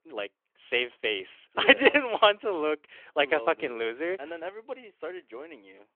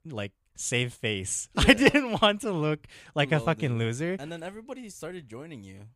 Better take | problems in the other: second | phone-call audio; nothing above 3.5 kHz

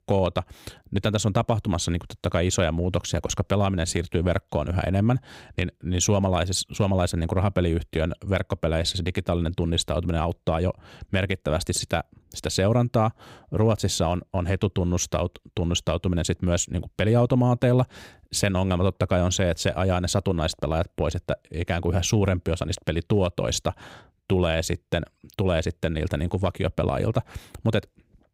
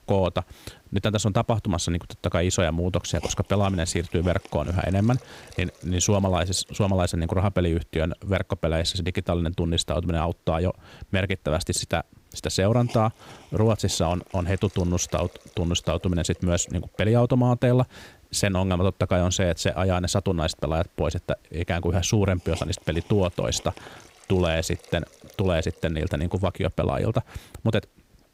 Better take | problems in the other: first | hiss; faint; throughout; 25 dB below the speech

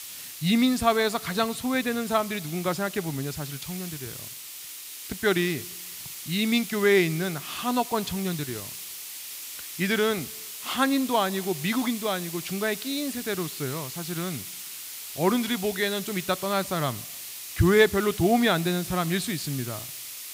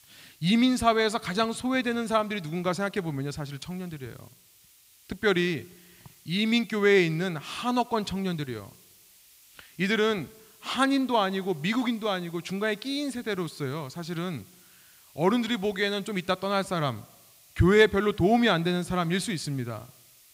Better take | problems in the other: second | hiss; loud; throughout; 10 dB below the speech; faint in the second

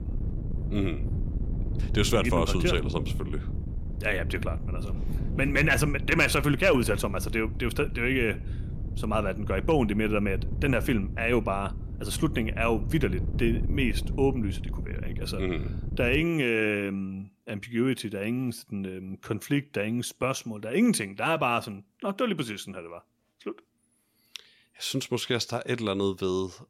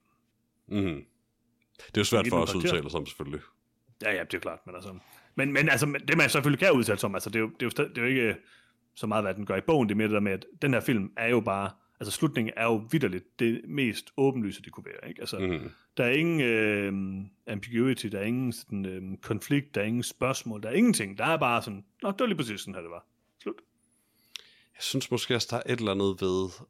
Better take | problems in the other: second | wind noise on the microphone; occasional gusts; until 16 s; 15 dB below the speech

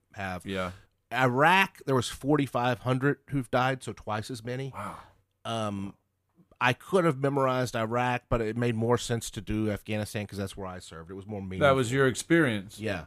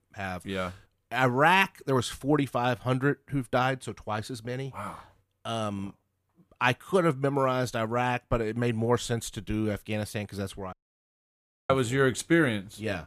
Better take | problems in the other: first | audio cutting out; at 11 s for 1 s

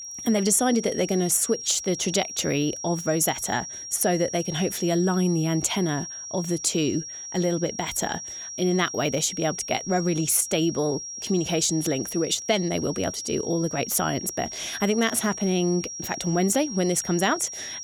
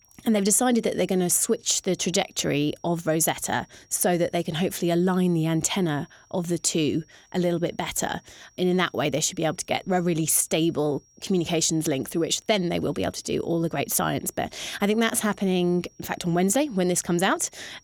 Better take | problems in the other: second | high-pitched whine; loud; throughout; 5.5 kHz, 9 dB below the speech; faint in the second

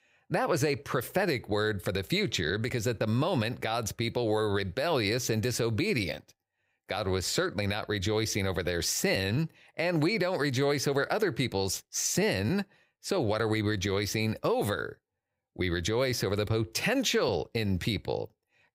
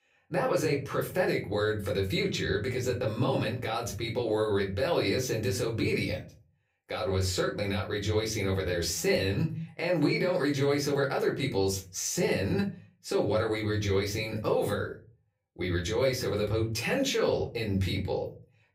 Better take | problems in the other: first | off-mic speech; somewhat distant // room echo; very slight; dies away in 0.3 s

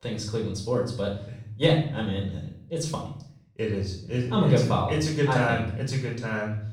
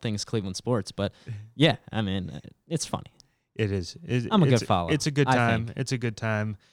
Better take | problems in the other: second | off-mic speech; far // room echo; noticeable; dies away in 0.5 s

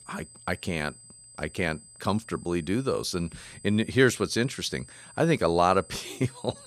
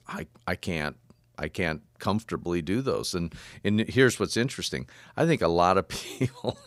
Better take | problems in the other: second | high-pitched whine; faint; throughout; 8 kHz, 20 dB below the speech

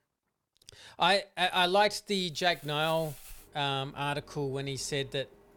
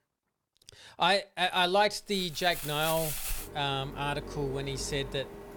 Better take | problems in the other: first | household noises; loud; from 2 s on; 9 dB below the speech; faint in the first

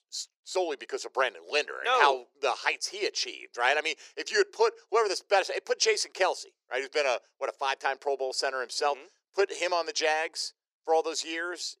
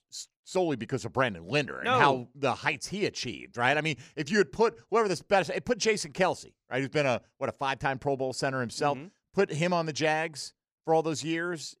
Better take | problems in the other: second | thin; very; fading below 400 Hz

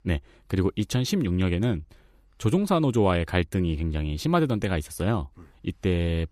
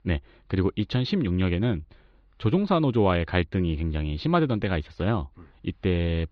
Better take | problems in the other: first | muffled; very slightly; fading above 4 kHz

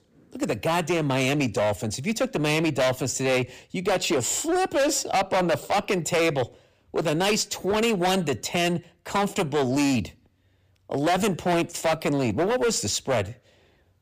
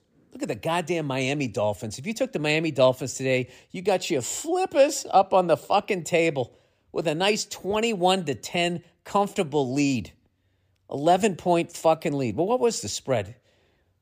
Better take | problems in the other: second | distortion; heavy; 16% of the sound clipped

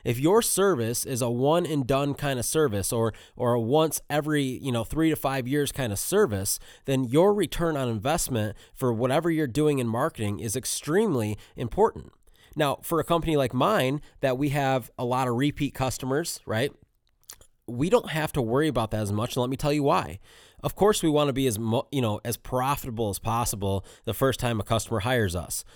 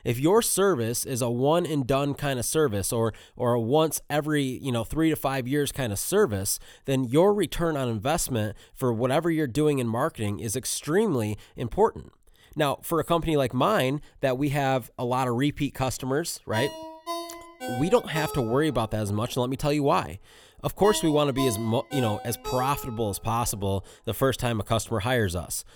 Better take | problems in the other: first | phone ringing; noticeable; from 17 to 23 s; peak 8 dB below the speech

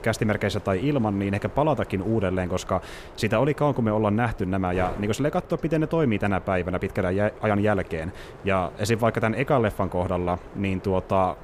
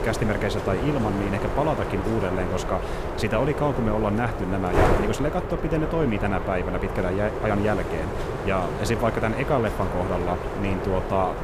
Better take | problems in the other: first | wind noise on the microphone; heavy; 3 dB below the speech; occasional gusts in the first

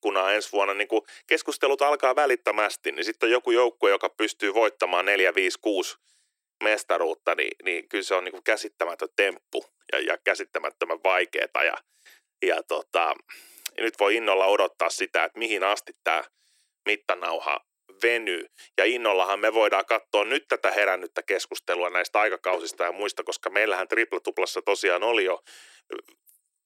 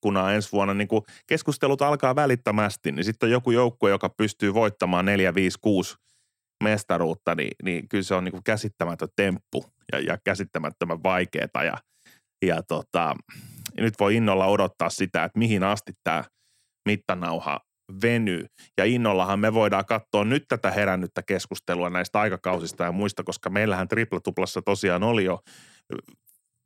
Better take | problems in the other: second | thin; very; fading below 350 Hz

